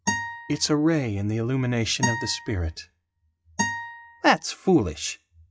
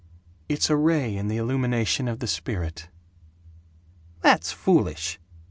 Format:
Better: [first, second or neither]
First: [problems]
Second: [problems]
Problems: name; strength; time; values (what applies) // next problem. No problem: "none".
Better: second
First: noise reduction (classical method log-MMSE)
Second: none